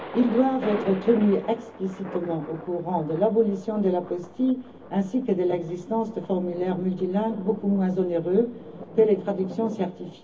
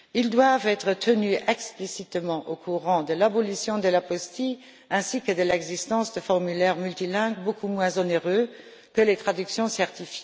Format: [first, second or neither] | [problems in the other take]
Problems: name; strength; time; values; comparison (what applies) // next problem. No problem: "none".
second | background sound (Thunder); 14 dB below the speech // room echo; dies away in 0.3 s